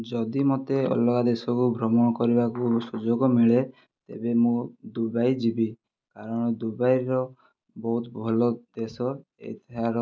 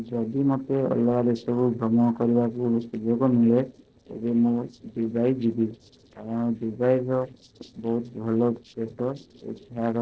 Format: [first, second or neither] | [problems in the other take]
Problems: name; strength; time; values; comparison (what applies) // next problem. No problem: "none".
first | noise reduction (neural separator model SepFormer DNS4)